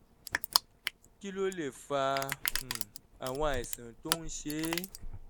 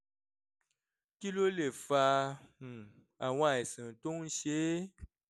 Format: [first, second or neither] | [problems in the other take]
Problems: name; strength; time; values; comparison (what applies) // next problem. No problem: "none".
second | background sound (Crushing); as loud as the speech